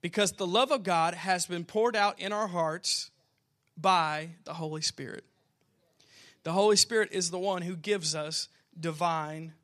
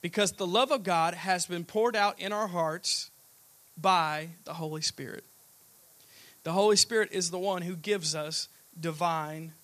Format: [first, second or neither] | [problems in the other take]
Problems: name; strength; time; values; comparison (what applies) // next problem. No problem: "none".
first | hiss; faint; throughout; 25 dB below the speech